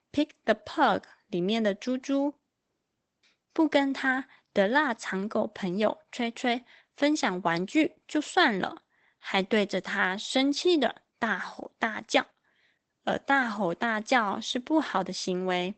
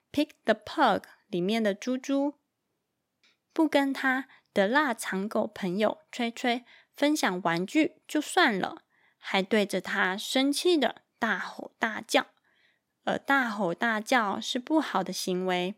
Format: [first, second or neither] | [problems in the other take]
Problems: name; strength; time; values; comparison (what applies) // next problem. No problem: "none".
second | garbled, watery; badly; nothing above 8 kHz